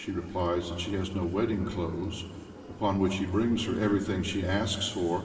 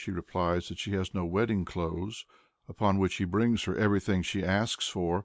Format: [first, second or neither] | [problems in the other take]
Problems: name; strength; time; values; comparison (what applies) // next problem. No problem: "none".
second | background sound (Engine); 17 dB below the speech // room echo; dies away in 2 s